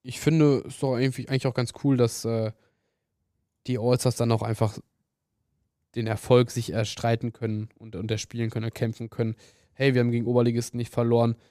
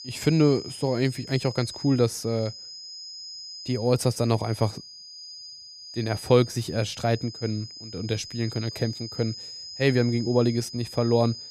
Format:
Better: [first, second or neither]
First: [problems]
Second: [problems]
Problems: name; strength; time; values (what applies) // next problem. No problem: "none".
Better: first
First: none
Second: high-pitched whine; noticeable; throughout; 5 kHz, 10 dB below the speech